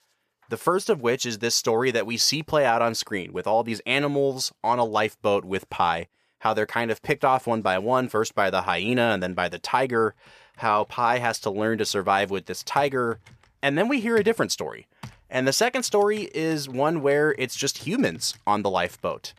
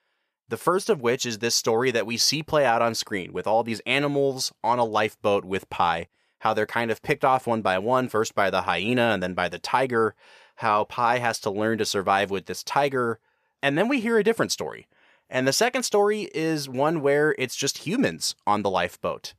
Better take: second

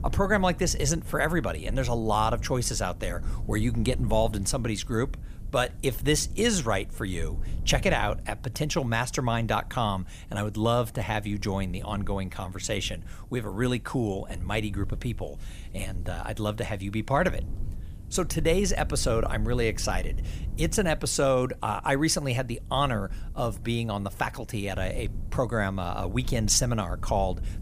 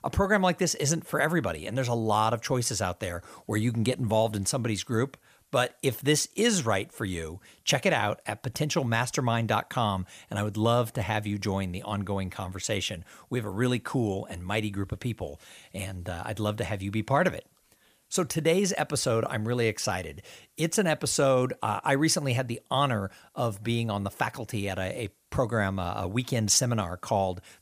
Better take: second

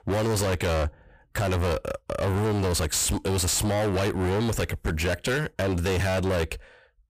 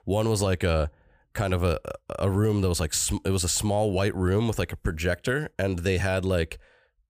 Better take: second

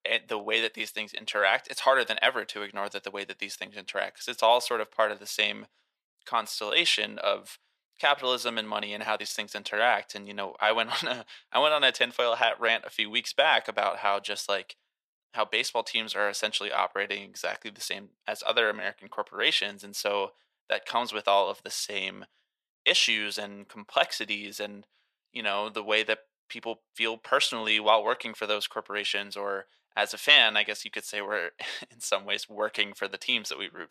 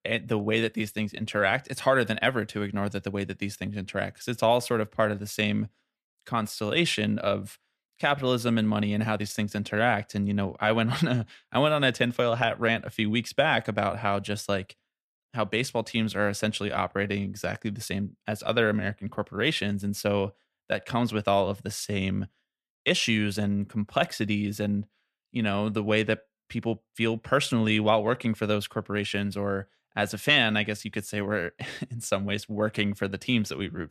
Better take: second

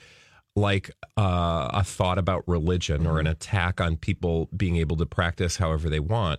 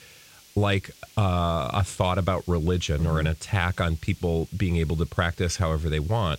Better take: first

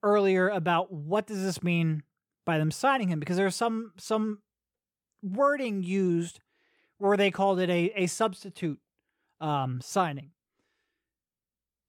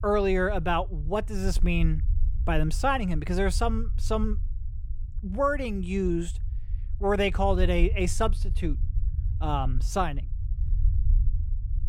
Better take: first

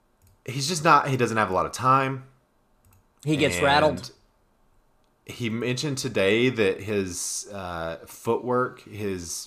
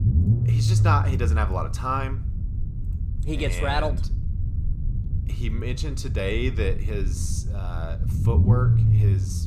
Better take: first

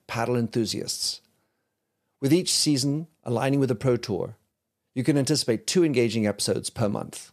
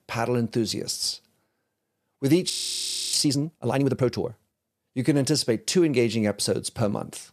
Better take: first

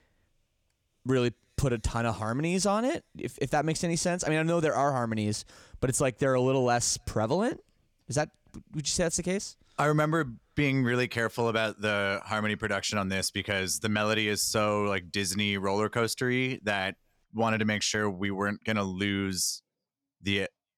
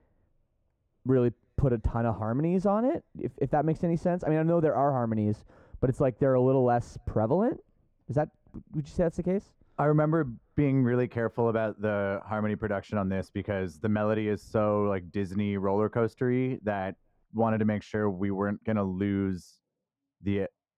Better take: first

